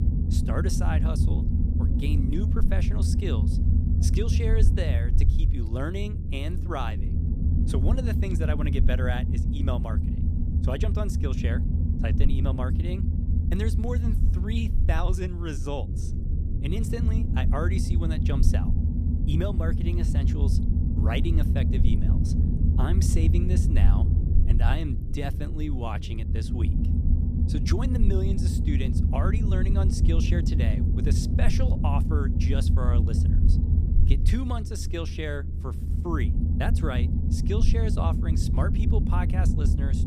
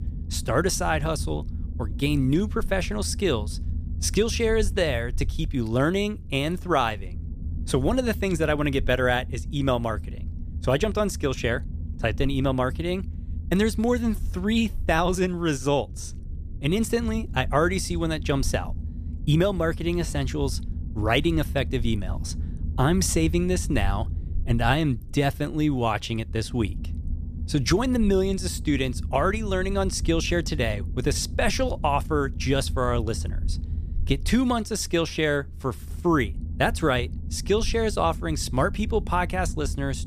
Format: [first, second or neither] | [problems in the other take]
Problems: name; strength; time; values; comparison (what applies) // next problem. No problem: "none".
second | low rumble; loud; throughout; 3 dB below the speech; faint in the second